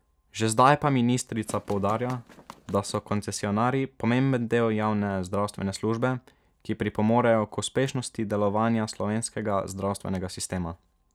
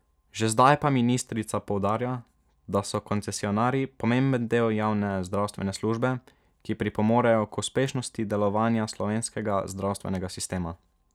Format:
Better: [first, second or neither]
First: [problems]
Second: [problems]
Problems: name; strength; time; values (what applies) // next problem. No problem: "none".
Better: second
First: background sound (Run); 20 dB below the speech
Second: none